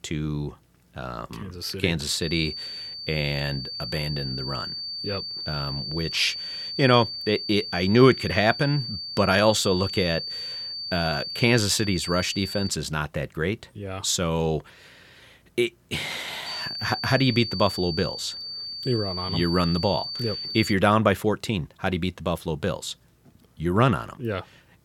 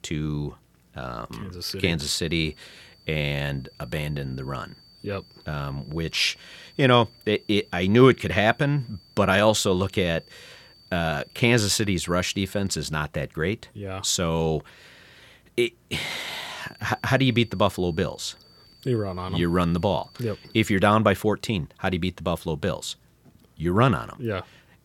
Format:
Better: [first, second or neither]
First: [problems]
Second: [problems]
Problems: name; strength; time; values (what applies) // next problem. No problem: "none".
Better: second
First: high-pitched whine; loud; from 2 to 13 s and from 16 to 21 s; 4.5 kHz, 6 dB below the speech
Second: high-pitched whine; faint; from 2 to 13 s and from 16 to 21 s; 4.5 kHz, 25 dB below the speech